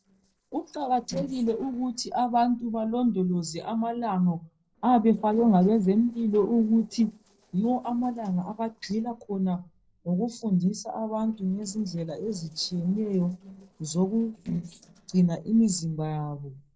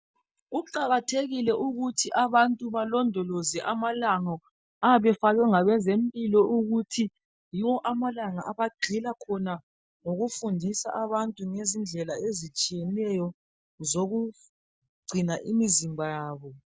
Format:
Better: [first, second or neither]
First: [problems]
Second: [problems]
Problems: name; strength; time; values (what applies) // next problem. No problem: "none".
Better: second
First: noise reduction (neural separator model SepFormer DNS4)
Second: none